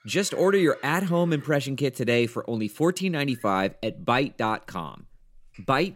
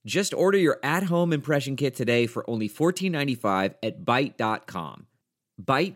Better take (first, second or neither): second